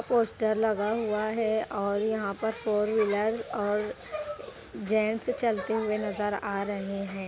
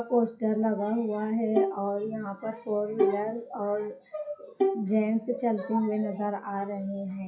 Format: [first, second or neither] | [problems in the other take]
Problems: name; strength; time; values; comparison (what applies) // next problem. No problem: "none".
first | noise reduction (classical method WPE with log-MMSE)